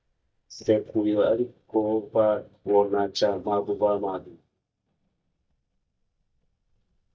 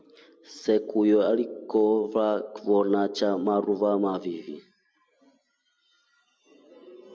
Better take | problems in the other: second | noise reduction (neural mask model DeepFilterNet 3)

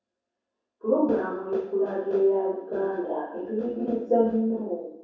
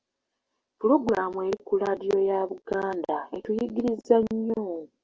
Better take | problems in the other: second | room echo; dies away in 0.7 s

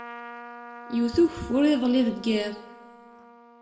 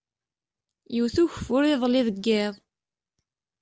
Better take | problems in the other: second | background sound (Trumpet); 17 dB below the speech // room echo; dies away in 0.7 s

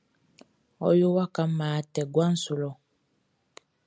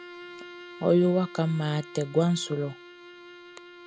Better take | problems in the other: first | background sound (Bowed string instrument); 17 dB below the speech

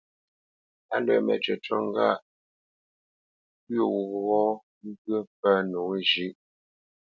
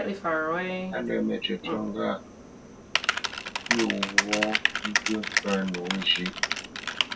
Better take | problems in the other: first | background sound (Typing); 2 dB above the speech // room echo; dies away in 0.1 s

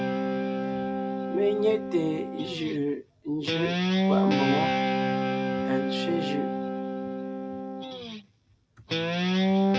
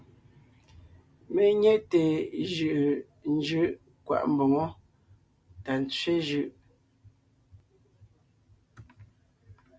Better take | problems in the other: second | background sound (Guitar); 4 dB above the speech

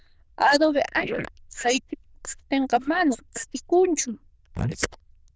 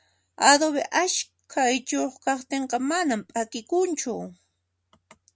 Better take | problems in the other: second | noise reduction (neural diffusion model UNIVERSE++)

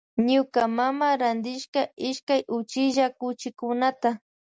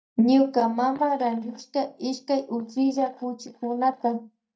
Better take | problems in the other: first | noise reduction (neural mask model DeepFilterNet 3)

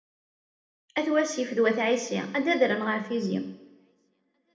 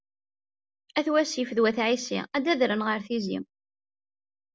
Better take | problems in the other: second | room echo; dies away in 0.8 s

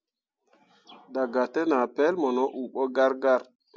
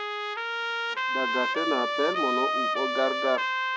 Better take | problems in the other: first | background sound (Trumpet); 3 dB above the speech

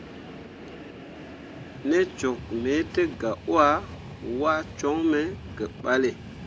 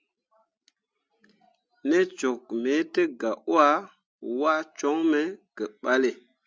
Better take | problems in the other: second | background sound (Train); 13 dB below the speech

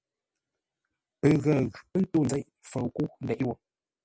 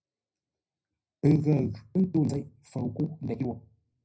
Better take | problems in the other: first | room echo; dies away in 0.4 s

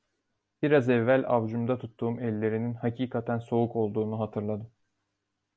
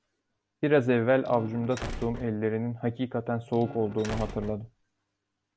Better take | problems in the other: first | background sound (Slam); 11 dB below the speech

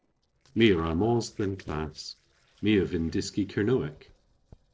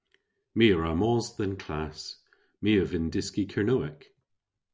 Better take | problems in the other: second | noise reduction (neural separator model SepFormer DNS4)

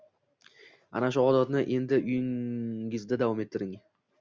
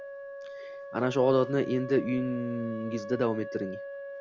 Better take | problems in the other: first | background sound (Wind instrument, woodwind instrument); 10 dB below the speech

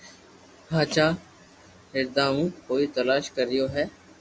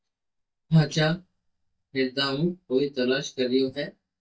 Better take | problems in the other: first | noise reduction (neural mask model DeepFilterNet 3)

